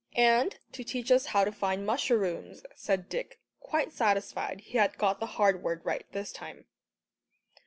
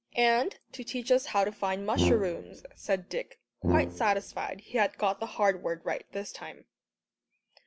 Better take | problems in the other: first | background sound (Brass instrument); 2 dB below the speech

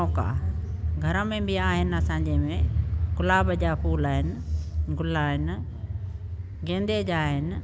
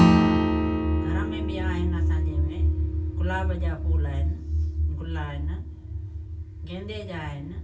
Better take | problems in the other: first | background sound (Acoustic guitar / Strum); 1 dB below the speech // room echo; dies away in 0.3 s

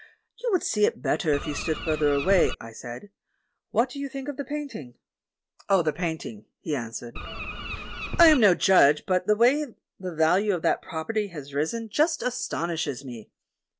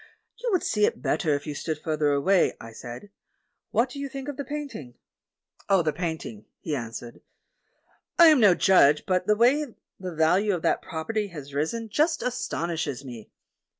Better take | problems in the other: second | background sound (Bird); 6 dB below the speech

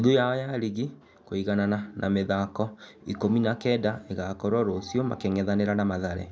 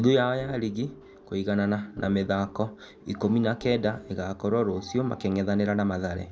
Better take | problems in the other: first | background sound (Organ); 18 dB below the speech

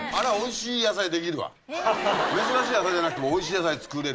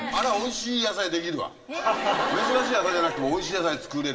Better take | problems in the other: first | background sound (Bark); 10 dB below the speech // room echo; dies away in 2.8 s

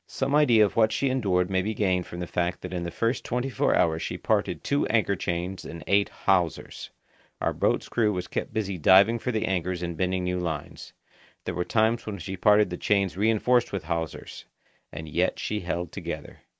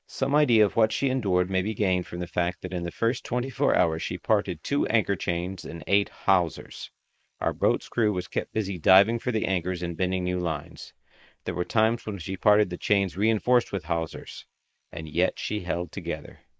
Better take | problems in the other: first | noise reduction (neural mask model Resemble Enhance denoiser)

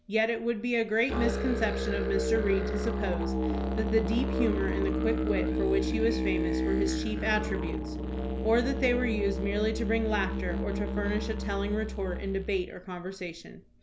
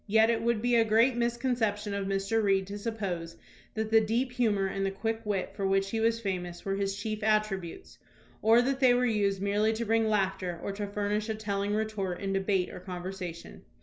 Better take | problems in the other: second | background sound (Musical instrument); as loud as the speech

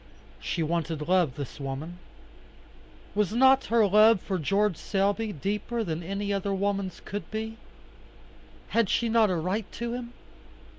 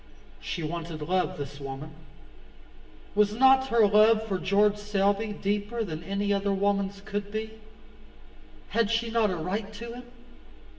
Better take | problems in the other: first | room echo; dies away in 0.9 s

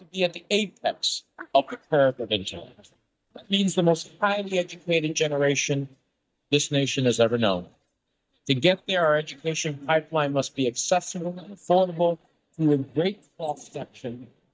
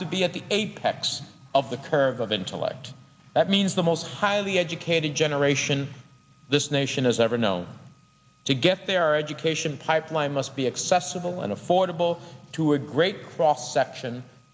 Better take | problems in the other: second | noise reduction (neural mask model DeepFilterNet 3)

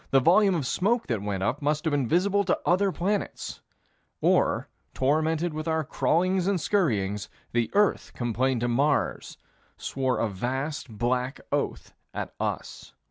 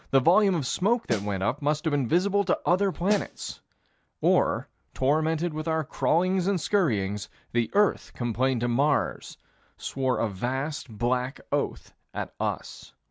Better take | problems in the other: first | background sound (Snare drum); 11 dB below the speech

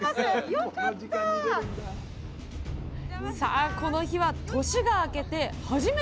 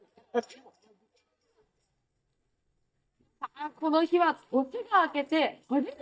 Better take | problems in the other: first | noise reduction (neural mask model DeepFilterNet 3)

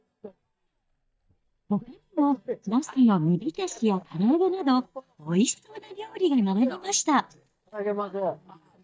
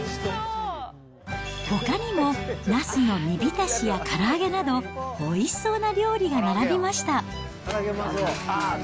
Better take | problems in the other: second | noise reduction (neural mask model DeepFilterNet 3)

